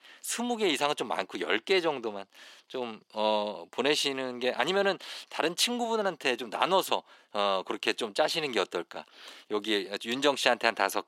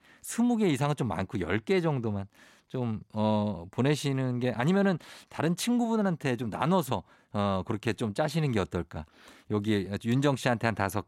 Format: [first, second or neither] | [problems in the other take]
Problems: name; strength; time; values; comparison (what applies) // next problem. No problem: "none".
second | thin; somewhat; fading below 350 Hz